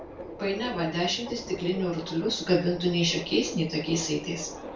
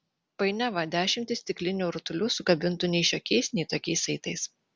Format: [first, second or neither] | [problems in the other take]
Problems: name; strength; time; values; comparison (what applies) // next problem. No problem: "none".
second | background sound (Subway, metro, underground); 12 dB below the speech // room echo; dies away in 0.3 s